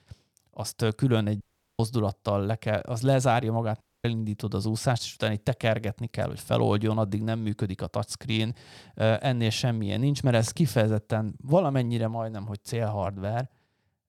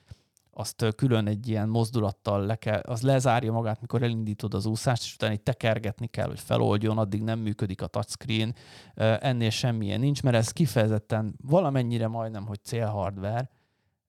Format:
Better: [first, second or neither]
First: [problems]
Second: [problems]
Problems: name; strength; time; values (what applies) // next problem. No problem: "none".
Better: second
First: audio cutting out; at 1.5 s and at 4 s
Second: none